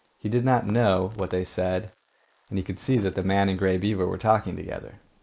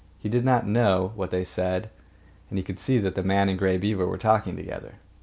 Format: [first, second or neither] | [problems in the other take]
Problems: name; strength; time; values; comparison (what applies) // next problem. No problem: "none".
second | noise reduction (neural mask model Resemble Enhance denoiser)